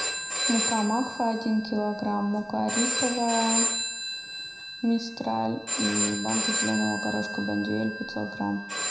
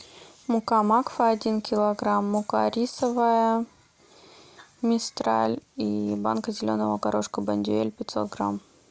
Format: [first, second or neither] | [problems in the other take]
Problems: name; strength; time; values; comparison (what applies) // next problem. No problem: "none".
second | background sound (Telephone); 2 dB below the speech // room echo; dies away in 0.7 s